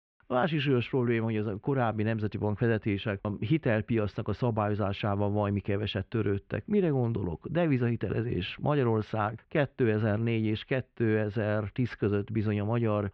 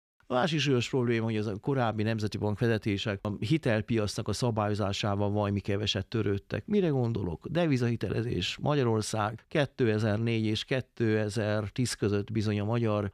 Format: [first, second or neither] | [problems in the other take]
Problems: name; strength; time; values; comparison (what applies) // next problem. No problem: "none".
second | muffled; very; fading above 3 kHz